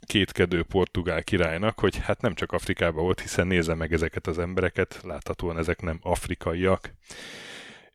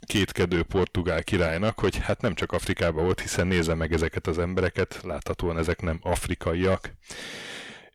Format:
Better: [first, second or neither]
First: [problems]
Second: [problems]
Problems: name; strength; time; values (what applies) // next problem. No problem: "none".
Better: first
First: none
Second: distortion; slight; 10 dB below the speech